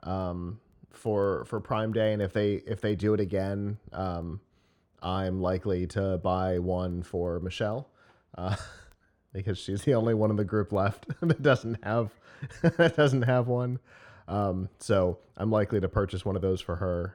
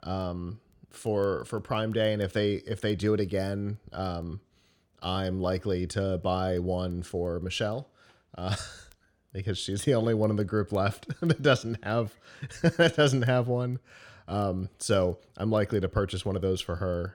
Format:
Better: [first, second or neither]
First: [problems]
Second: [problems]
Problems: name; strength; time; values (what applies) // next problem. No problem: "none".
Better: second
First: muffled; slightly; fading above 2.5 kHz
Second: none